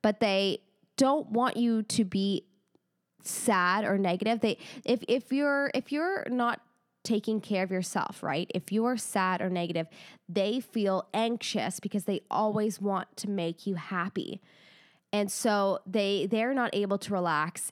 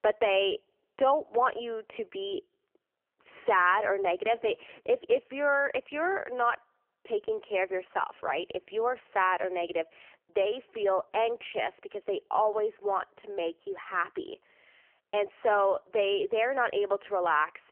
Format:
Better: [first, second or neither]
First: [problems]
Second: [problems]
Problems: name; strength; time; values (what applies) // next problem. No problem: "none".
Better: first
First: none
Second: phone-call audio; poor line; nothing above 3 kHz